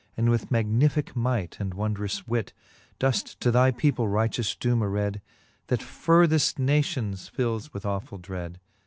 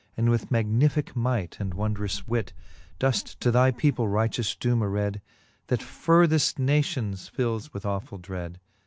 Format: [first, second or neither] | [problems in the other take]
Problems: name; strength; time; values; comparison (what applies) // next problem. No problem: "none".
first | background sound (Boom); 12 dB below the speech